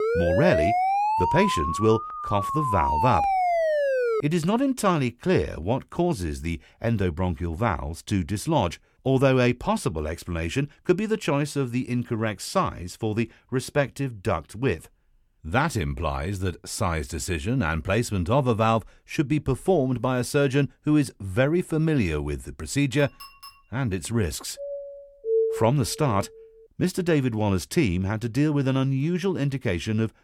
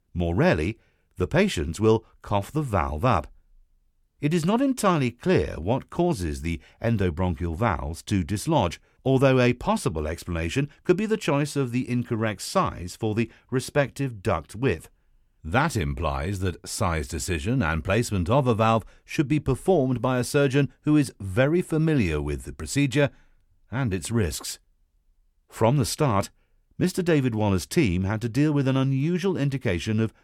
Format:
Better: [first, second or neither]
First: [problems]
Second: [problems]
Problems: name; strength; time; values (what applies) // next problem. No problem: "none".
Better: second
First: siren; loud; until 4 s; peak 3 dB above the speech // clattering dishes; faint; at 23 s; peak 20 dB below the speech // doorbell; loud; from 25 to 26 s; peak 1 dB above the speech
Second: none